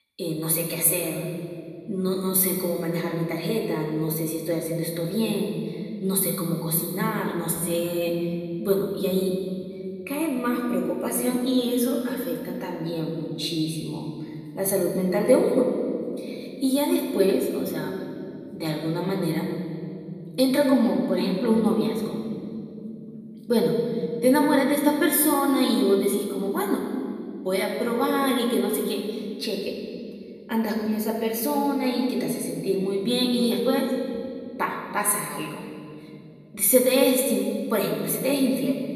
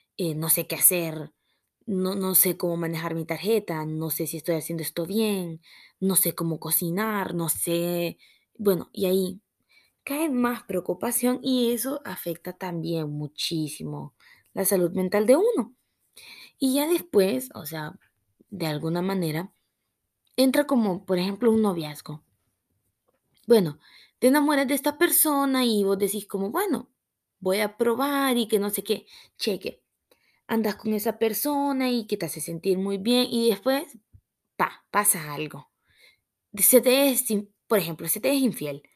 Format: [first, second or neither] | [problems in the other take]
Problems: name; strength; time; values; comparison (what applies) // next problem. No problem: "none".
second | room echo; noticeable; dies away in 2.7 s // off-mic speech; far